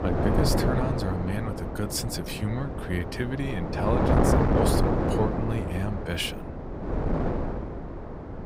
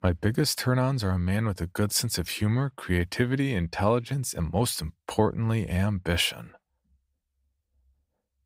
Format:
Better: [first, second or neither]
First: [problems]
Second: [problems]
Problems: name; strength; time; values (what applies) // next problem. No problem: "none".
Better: second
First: wind noise on the microphone; heavy; 3 dB above the speech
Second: none